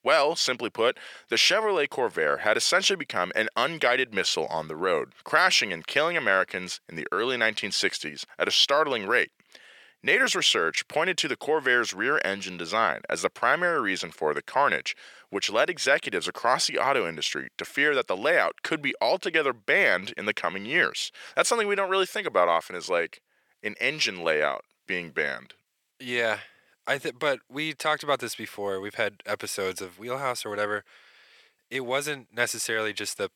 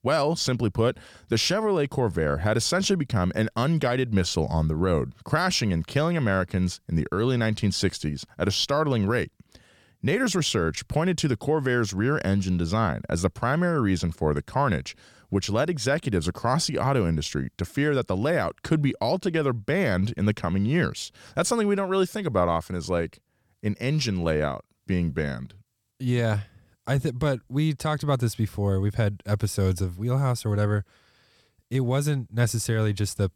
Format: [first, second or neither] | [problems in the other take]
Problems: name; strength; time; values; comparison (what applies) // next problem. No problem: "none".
second | thin; very; fading below 500 Hz